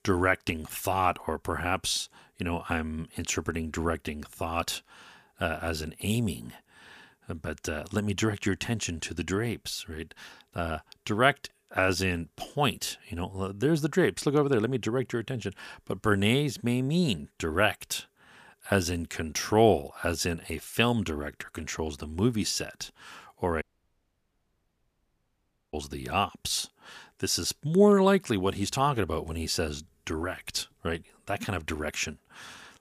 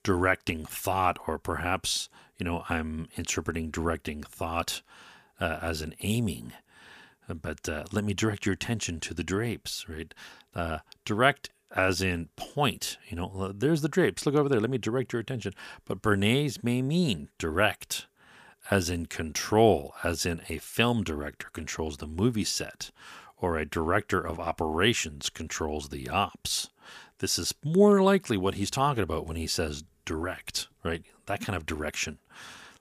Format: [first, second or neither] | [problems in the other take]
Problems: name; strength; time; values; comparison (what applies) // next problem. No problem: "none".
second | audio cutting out; at 24 s for 2 s